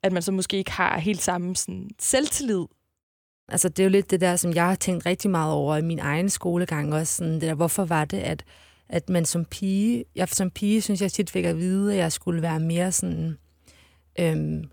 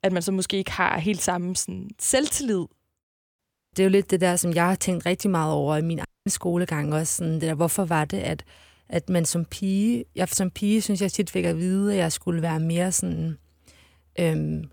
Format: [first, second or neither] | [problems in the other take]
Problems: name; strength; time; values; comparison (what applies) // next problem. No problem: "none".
first | audio cutting out; at 3.5 s and at 6 s